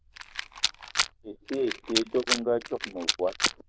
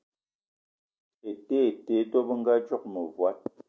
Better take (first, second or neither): second